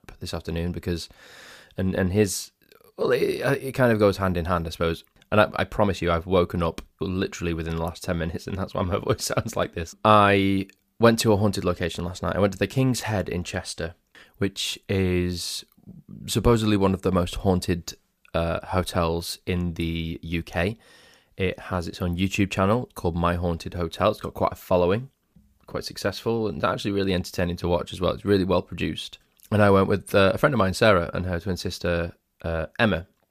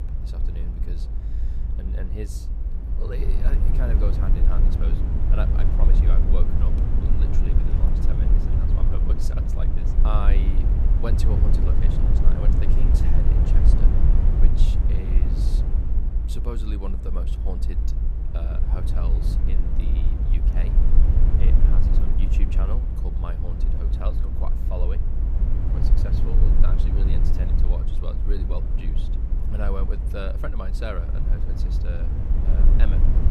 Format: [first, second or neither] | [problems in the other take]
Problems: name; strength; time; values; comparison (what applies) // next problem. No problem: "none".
first | low rumble; loud; throughout; as loud as the speech